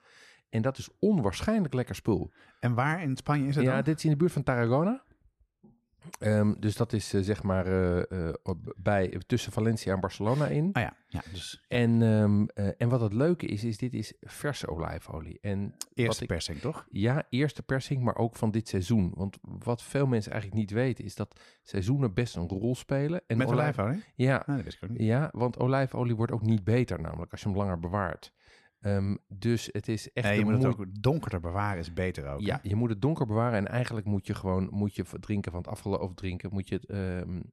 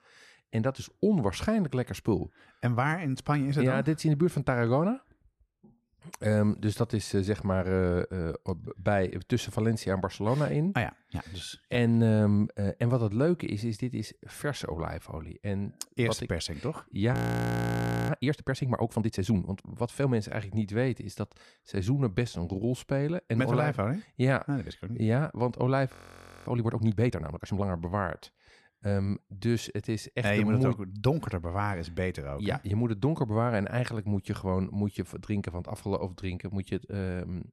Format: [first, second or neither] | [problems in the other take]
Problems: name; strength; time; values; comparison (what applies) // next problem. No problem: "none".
first | audio freezing; at 17 s for 1 s and at 26 s for 0.5 s